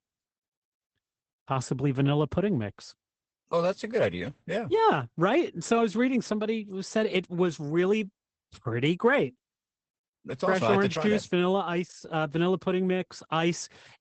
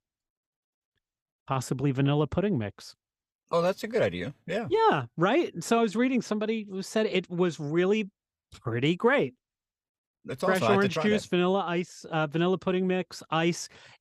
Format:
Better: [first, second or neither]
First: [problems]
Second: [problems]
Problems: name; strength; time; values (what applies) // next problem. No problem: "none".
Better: second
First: garbled, watery; badly; nothing above 8 kHz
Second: none